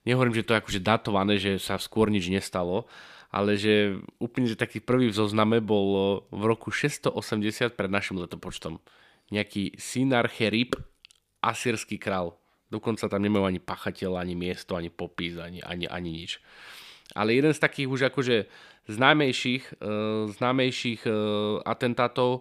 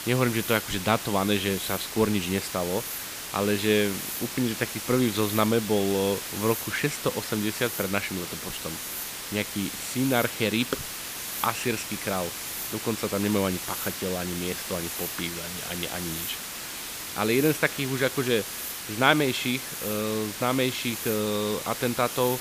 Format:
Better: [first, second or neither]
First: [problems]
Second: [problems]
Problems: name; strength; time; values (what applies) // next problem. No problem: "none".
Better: first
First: none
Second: hiss; loud; throughout; 5 dB below the speech